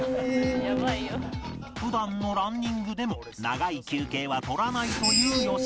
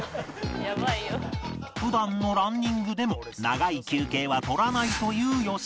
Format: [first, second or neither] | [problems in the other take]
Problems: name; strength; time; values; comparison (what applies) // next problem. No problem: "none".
second | background sound (Screech); 1 dB below the speech